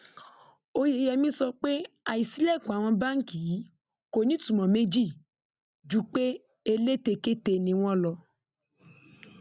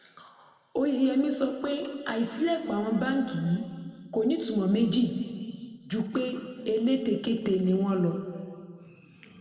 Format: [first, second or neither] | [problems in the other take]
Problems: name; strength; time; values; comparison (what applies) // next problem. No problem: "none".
first | room echo; dies away in 2.3 s